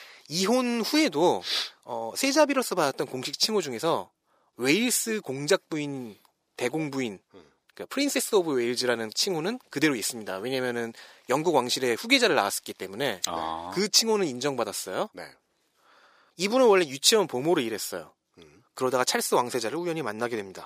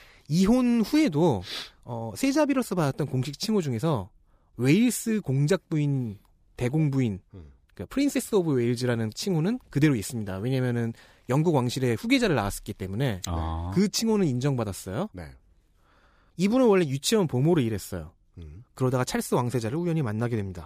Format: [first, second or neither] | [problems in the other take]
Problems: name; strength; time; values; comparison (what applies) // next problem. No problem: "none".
second | thin; somewhat; fading below 450 Hz